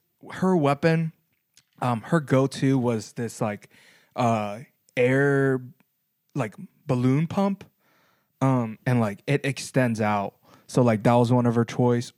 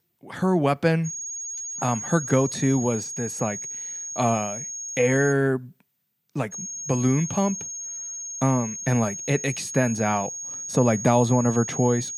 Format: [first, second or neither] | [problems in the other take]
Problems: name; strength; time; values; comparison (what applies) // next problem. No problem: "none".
first | high-pitched whine; loud; from 1 to 5.5 s and from 6.5 s on; 6.5 kHz, 7 dB below the speech